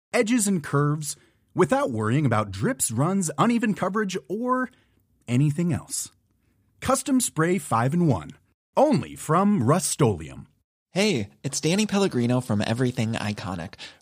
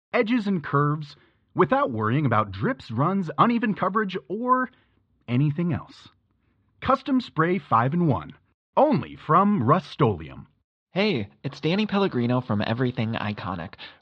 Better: first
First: none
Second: muffled; very; fading above 4 kHz

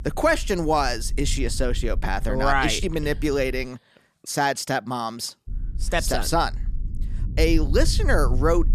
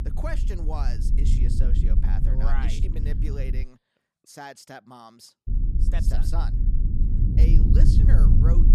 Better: first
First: low rumble; faint; until 3.5 s and from 5.5 s on; 25 dB below the speech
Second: low rumble; loud; until 3.5 s and from 5.5 s on; as loud as the speech

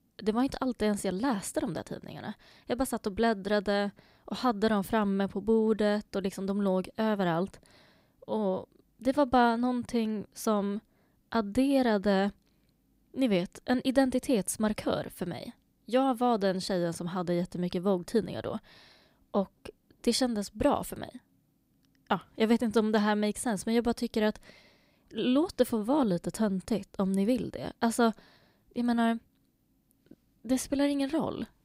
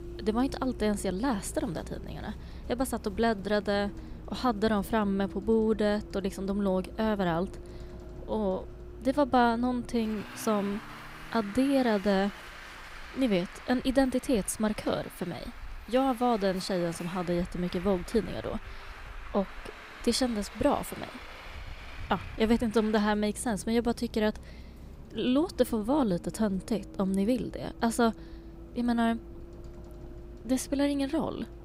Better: first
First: none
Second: traffic noise; noticeable; throughout; 15 dB below the speech

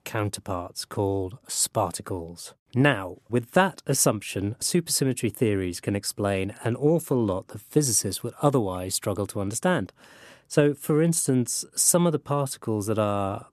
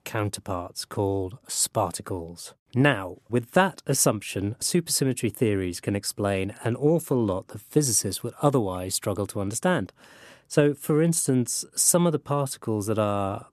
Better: neither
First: none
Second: none

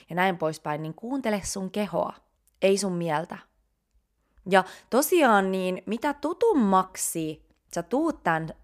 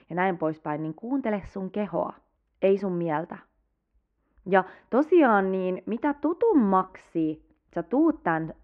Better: first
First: none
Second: muffled; very; fading above 2 kHz

